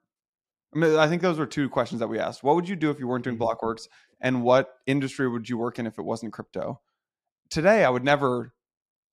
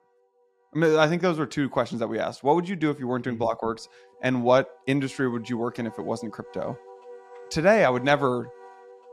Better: first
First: none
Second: background music; faint; throughout; 20 dB below the speech

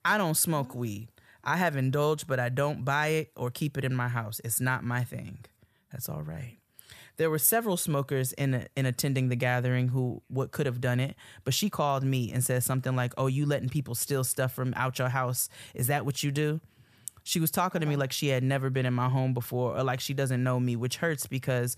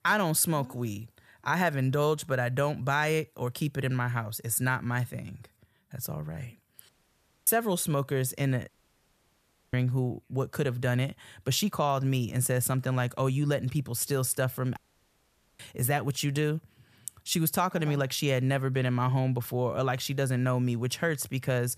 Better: first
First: none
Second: audio cutting out; at 7 s for 0.5 s, at 8.5 s for 1 s and at 15 s for 1 s

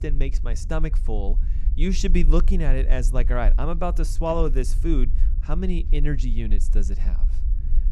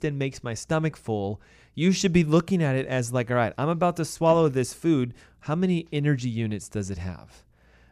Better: second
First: low rumble; noticeable; throughout; 20 dB below the speech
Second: none

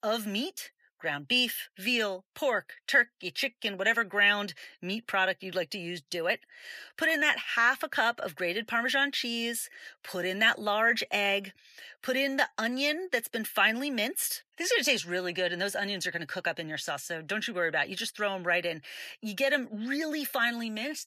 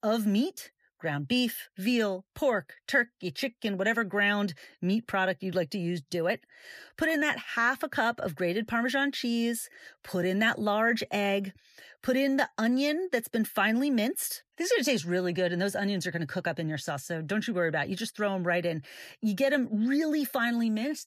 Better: second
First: thin; somewhat; fading below 700 Hz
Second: none

